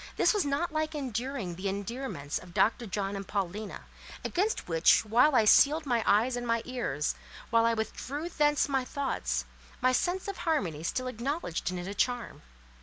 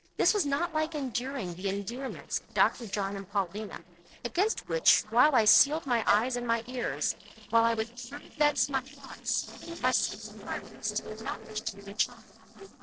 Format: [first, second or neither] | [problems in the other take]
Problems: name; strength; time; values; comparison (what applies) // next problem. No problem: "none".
first | noise reduction (neural separator model SepFormer DNS4)